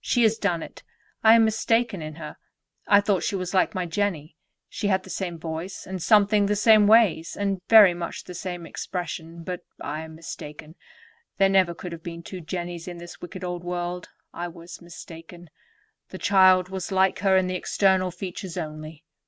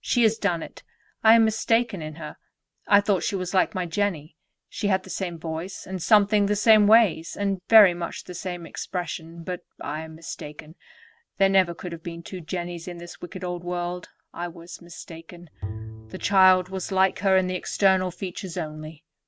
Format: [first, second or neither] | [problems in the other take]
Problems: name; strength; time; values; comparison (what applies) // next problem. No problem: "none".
first | background sound (Bowed string instrument); 14 dB below the speech